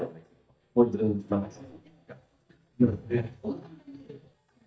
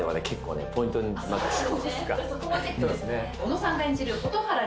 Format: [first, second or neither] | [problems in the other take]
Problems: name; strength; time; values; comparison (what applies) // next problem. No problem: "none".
second | noise reduction (neural mask model DeepFilterNet 3)